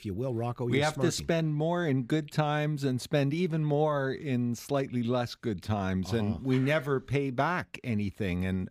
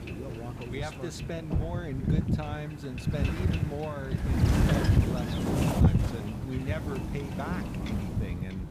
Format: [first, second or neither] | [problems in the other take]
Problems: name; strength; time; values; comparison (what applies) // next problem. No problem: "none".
first | wind noise on the microphone; heavy; 3 dB above the speech